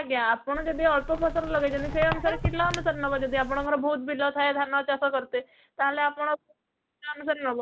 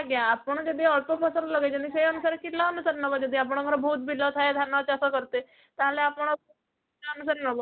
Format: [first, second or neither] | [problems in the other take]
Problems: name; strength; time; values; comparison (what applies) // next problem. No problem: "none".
second | background sound (Squeak); 7 dB below the speech